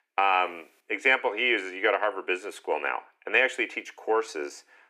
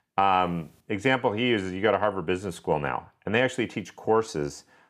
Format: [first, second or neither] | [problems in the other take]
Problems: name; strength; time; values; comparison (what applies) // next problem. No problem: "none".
second | thin; very; fading below 300 Hz